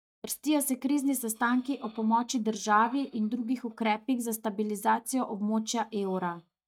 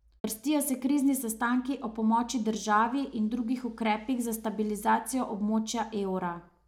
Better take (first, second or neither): second